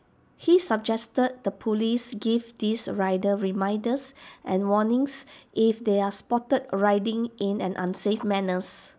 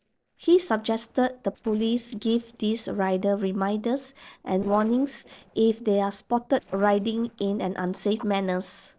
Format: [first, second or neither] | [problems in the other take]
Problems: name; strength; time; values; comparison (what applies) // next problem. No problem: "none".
first | noise reduction (neural separator model SepFormer DNS4)